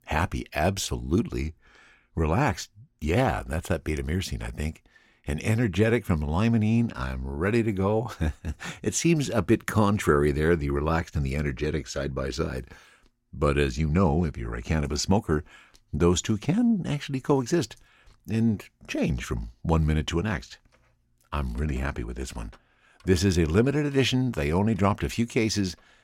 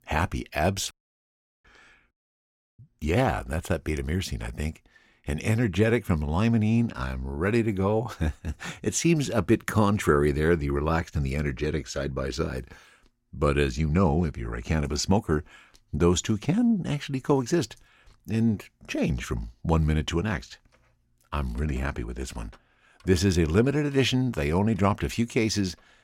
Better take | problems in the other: first | audio cutting out; at 1 s for 0.5 s and at 2 s for 0.5 s

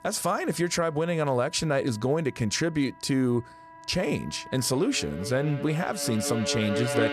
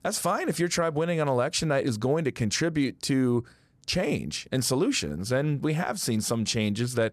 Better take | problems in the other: second | background music; loud; throughout; 8 dB below the speech

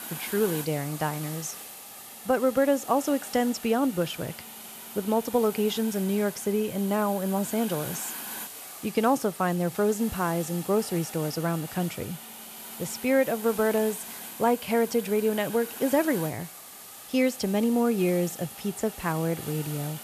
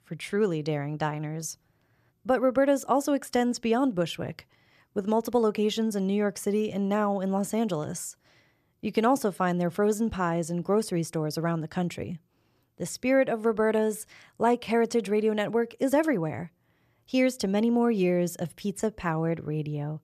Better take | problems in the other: second | hiss; noticeable; throughout; 10 dB below the speech

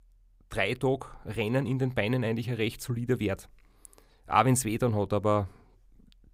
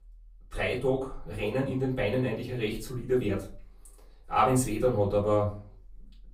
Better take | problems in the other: first | room echo; slight; dies away in 0.3 s // off-mic speech; far

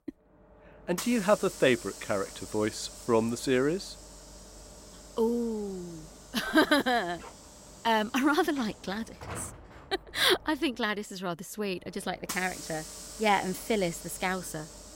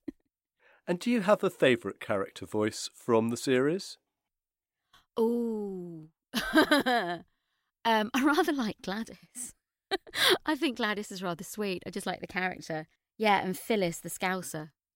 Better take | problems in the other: second | hiss; noticeable; throughout; 15 dB below the speech

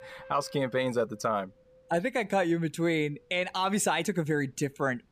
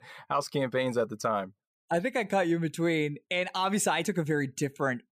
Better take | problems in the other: second | wind noise on the microphone; occasional gusts; 25 dB below the speech

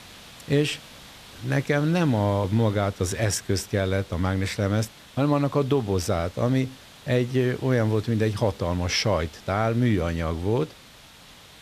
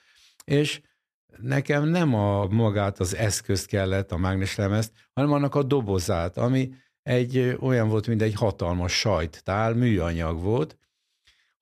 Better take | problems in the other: second | hiss; faint; throughout; 20 dB below the speech

